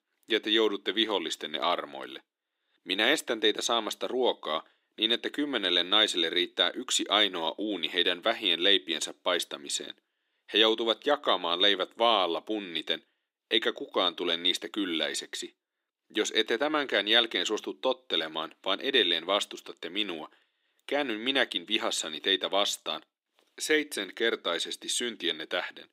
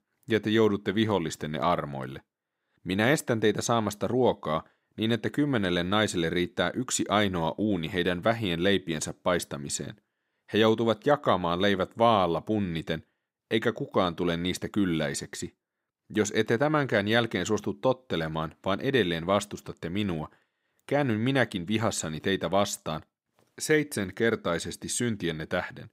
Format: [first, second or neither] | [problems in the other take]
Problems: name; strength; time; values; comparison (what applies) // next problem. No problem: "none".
second | thin; somewhat; fading below 300 Hz